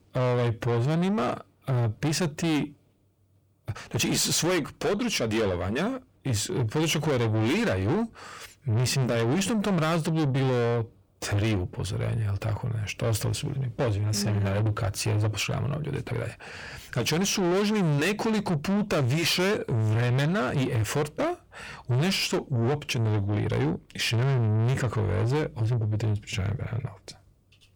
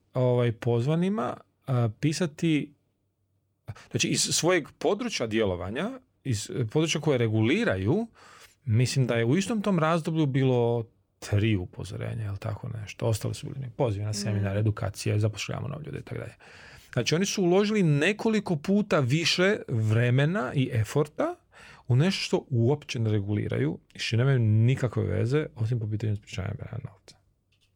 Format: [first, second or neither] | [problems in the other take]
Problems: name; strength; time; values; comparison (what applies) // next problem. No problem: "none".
second | distortion; heavy; 7 dB below the speech